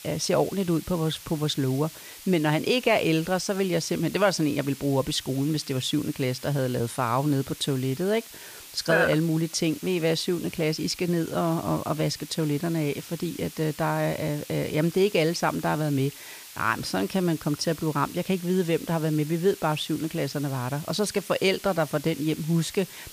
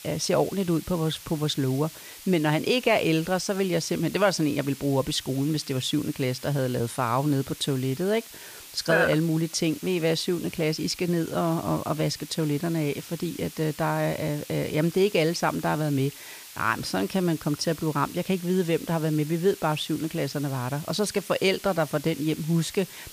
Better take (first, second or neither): neither